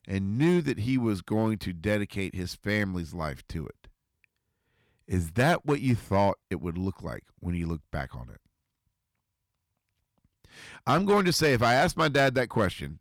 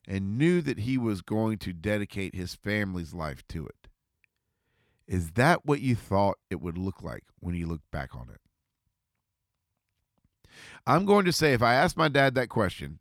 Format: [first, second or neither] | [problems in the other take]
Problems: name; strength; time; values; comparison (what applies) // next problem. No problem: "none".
second | distortion; slight; 2% of the sound clipped